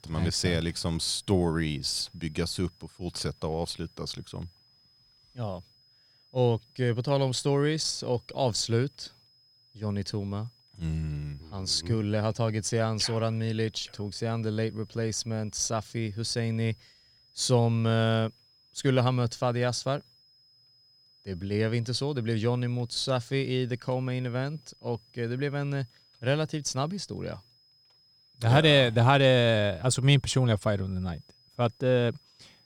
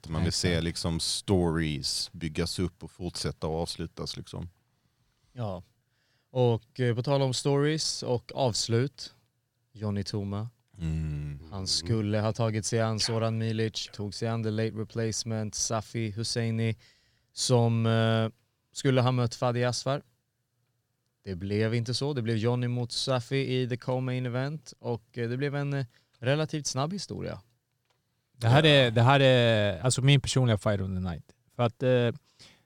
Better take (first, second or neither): second